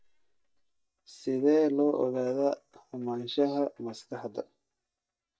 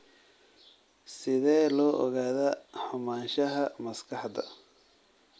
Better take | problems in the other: second | noise reduction (neural mask model DeepFilterNet 3)

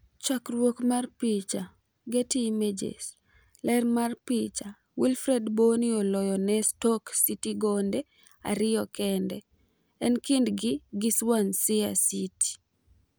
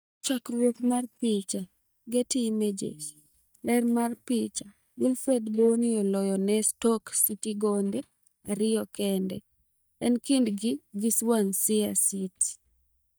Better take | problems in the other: first | noise reduction (neural mask model DeepFilterNet 3)

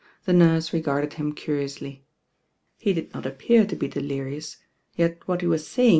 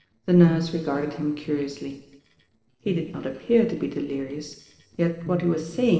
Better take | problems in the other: first | noise reduction (neural separator model SepFormer DNS4)

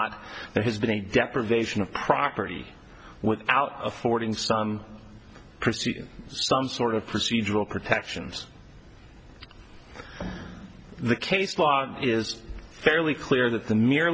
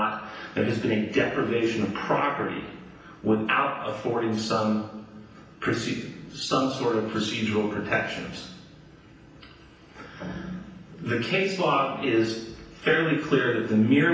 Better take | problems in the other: first | room echo; dies away in 0.9 s

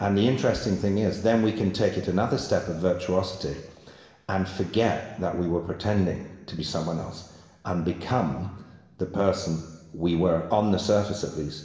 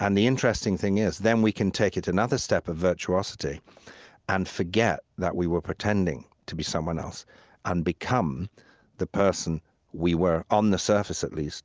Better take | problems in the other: second | room echo; dies away in 1.2 s

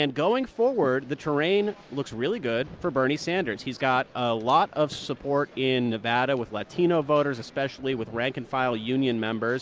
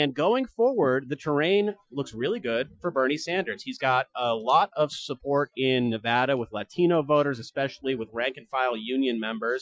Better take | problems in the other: first | noise reduction (classical method Wiener filter)

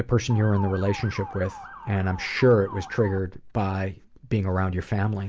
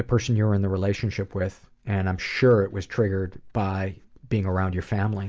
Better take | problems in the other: second | background sound (Motor vehicle (road) / Siren); 14 dB below the speech

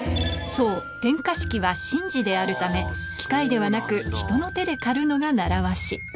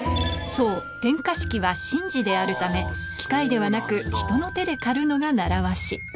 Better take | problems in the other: first | background sound (Marimba, xylophone); 15 dB below the speech

